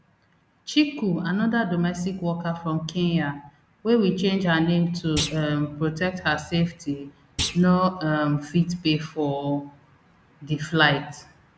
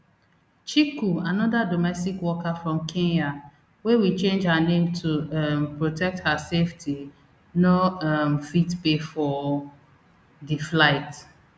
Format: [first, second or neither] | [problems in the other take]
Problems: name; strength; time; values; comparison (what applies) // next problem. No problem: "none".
second | background sound (Thump, thud); 11 dB below the speech